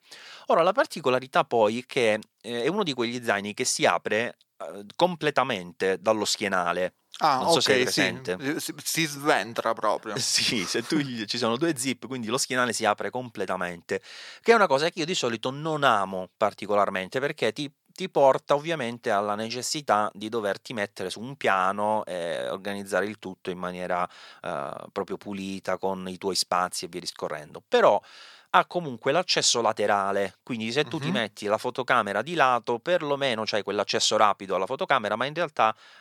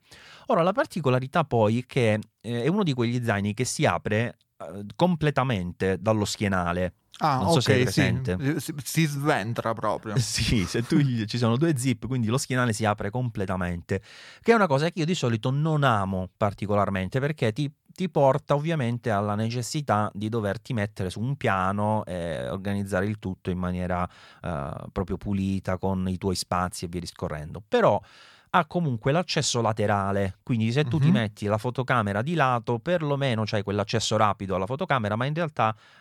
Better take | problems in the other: second | thin; somewhat; fading below 350 Hz

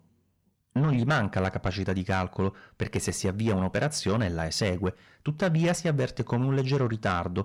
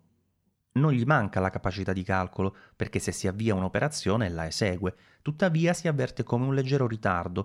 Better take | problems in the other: second | distortion; slight; 10 dB below the speech

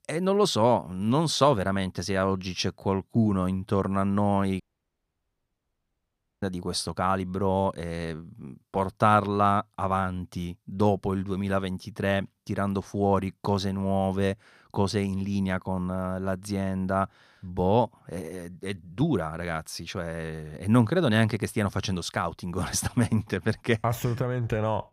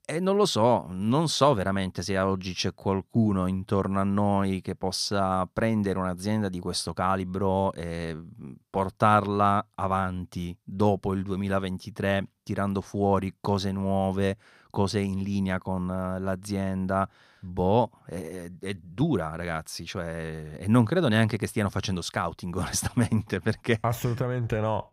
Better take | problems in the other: second | audio cutting out; at 4.5 s for 2 s

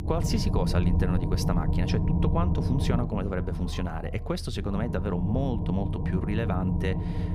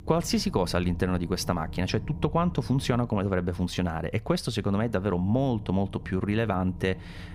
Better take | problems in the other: second | low rumble; loud; throughout; 4 dB below the speech; faint in the second

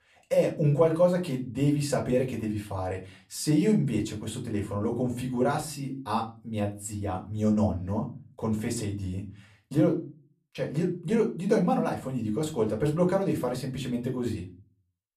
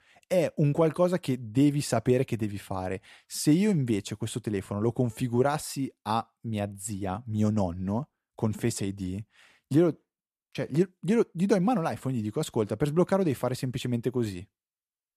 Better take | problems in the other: second | off-mic speech; far // room echo; very slight; dies away in 0.3 s

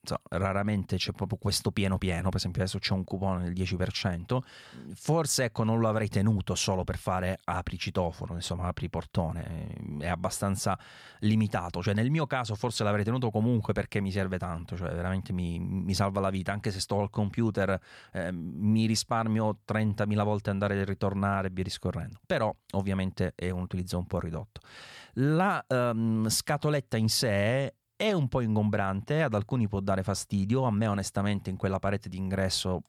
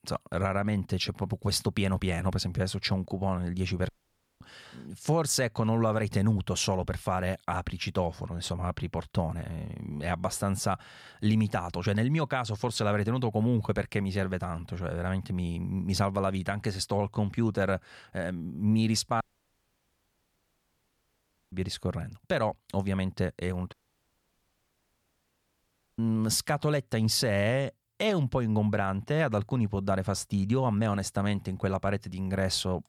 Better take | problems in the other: first | audio cutting out; at 4 s for 0.5 s, at 19 s for 2.5 s and at 24 s for 2.5 s

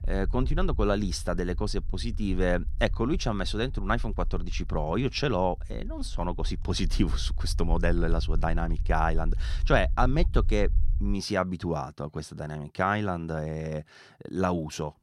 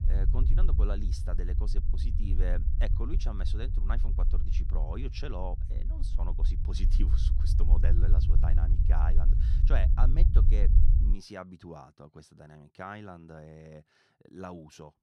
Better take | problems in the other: first | low rumble; loud; until 11 s; 5 dB below the speech; faint in the first

